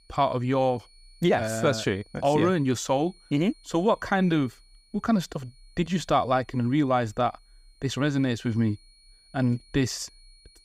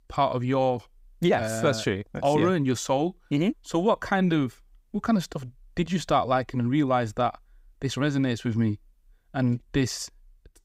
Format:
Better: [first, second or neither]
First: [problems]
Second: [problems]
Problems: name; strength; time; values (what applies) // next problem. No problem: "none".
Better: second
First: high-pitched whine; faint; throughout; 4.5 kHz, 30 dB below the speech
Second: none